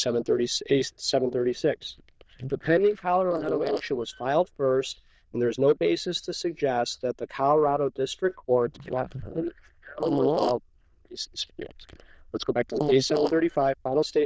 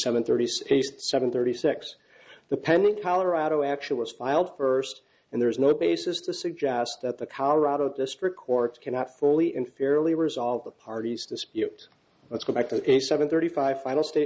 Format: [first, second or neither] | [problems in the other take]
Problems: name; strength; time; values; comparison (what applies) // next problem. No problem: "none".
second | noise reduction (neural diffusion model UNIVERSE++)